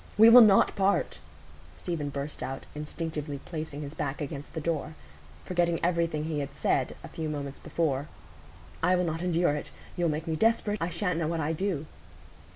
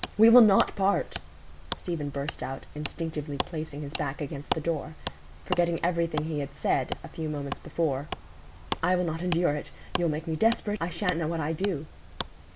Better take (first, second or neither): first